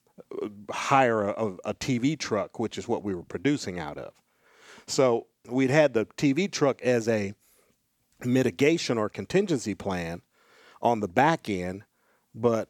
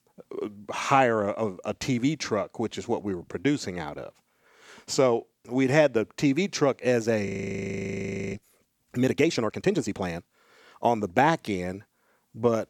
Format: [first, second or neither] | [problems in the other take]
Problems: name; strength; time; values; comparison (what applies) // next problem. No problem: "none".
first | audio freezing; at 7.5 s for 1 s